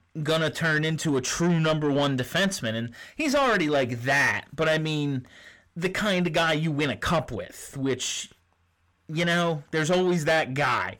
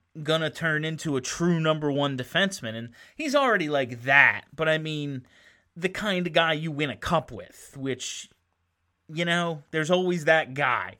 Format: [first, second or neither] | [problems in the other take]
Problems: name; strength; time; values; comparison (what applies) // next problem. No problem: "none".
second | distortion; heavy; 6 dB below the speech